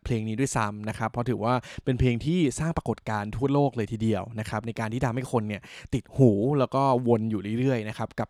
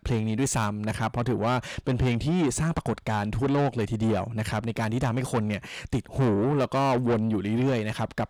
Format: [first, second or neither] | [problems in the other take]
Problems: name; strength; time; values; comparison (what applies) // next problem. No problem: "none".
first | distortion; heavy; 8 dB below the speech